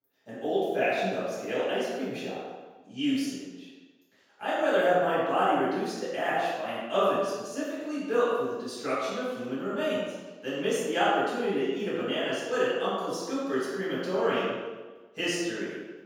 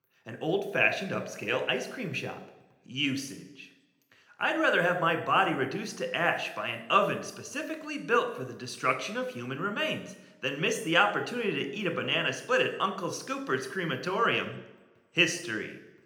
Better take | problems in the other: second | room echo; strong; dies away in 1.2 s; slight in the second // off-mic speech; far

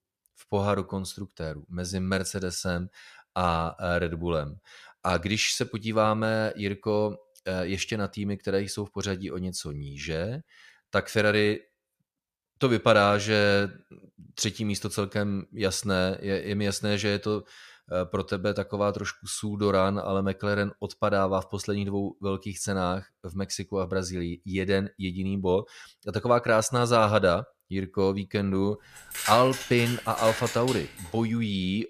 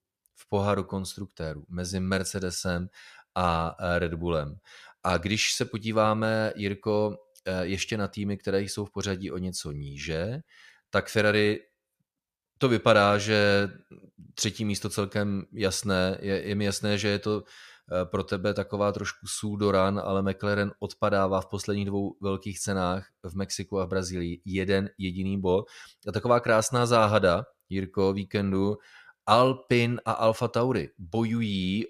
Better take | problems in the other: second | jangling keys; noticeable; from 29 to 31 s; peak 3 dB below the speech

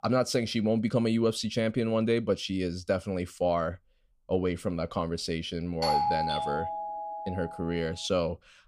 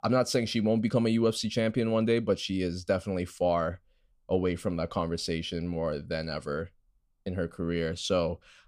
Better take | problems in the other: second | doorbell; loud; from 6 to 7.5 s; peak 3 dB above the speech

